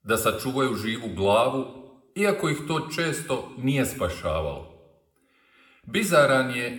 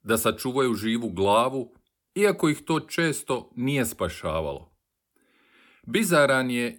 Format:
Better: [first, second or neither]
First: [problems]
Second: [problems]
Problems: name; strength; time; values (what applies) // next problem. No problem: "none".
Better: second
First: room echo; slight; dies away in 0.8 s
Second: none